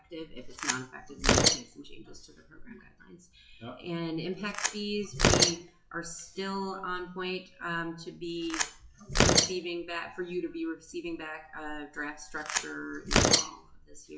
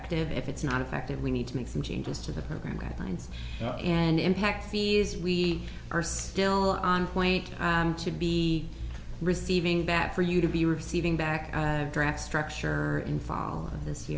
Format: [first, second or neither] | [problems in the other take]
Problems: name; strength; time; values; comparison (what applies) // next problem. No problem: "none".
second | noise reduction (classical method WPE with log-MMSE)